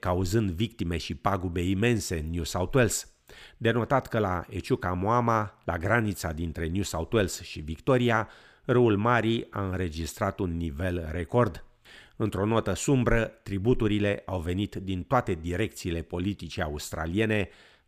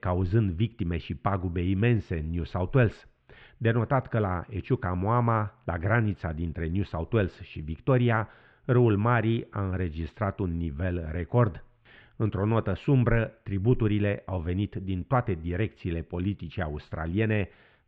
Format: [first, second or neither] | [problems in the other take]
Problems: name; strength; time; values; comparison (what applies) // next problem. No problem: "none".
first | muffled; very; fading above 3 kHz